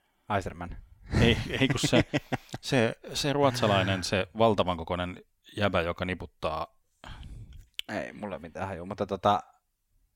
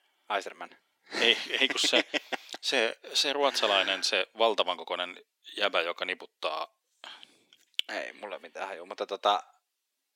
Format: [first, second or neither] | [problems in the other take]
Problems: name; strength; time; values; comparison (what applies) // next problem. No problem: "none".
first | thin; somewhat; fading below 350 Hz